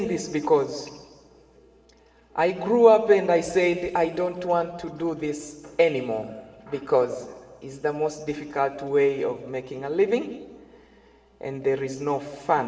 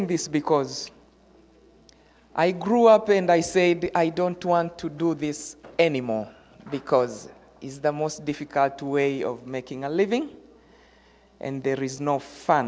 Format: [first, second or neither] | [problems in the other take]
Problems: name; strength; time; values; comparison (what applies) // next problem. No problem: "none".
second | room echo; dies away in 1.9 s